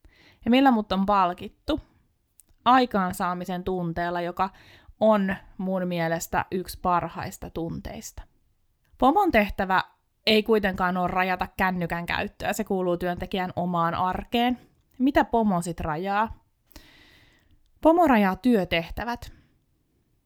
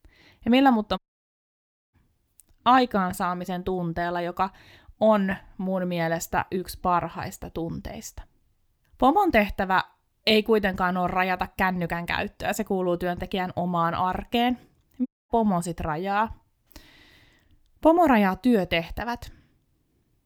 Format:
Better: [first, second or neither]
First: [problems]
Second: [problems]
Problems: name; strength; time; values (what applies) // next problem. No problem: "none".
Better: first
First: none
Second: audio cutting out; at 1 s for 1 s and at 15 s